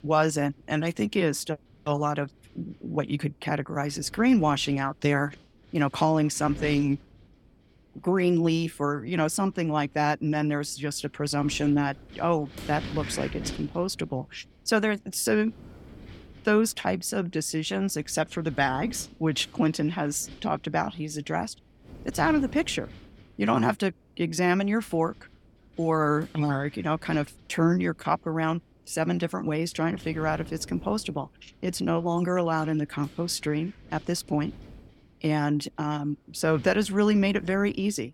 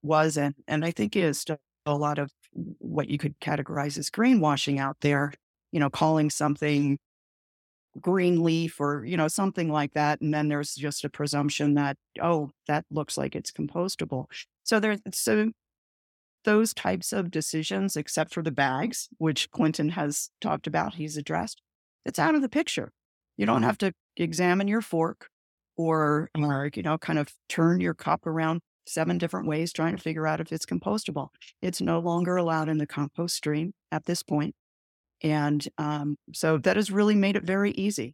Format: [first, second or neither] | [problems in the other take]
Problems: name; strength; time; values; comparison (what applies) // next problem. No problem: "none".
second | wind noise on the microphone; occasional gusts; 20 dB below the speech